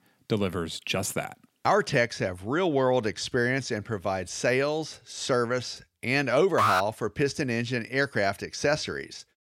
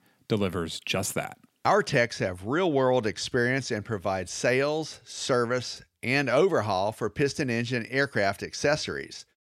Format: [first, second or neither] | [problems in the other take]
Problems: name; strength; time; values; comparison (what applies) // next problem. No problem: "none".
second | alarm; loud; at 6.5 s; peak 3 dB above the speech